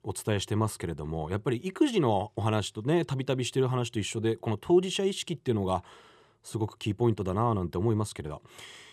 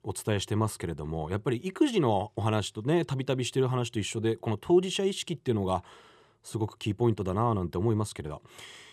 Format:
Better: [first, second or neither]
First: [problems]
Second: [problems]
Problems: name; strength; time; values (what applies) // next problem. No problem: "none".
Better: neither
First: none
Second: none